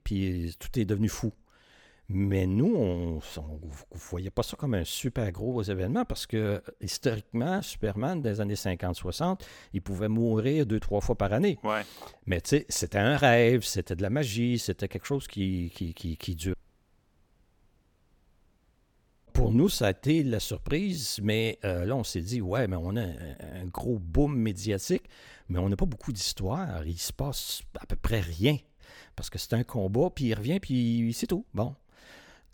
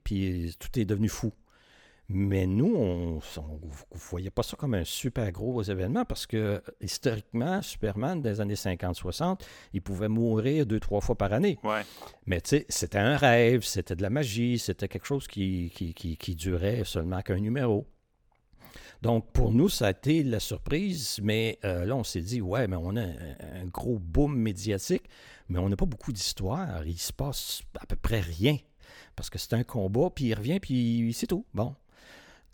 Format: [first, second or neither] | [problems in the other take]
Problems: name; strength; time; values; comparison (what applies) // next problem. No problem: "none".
second | audio cutting out; at 17 s for 2.5 s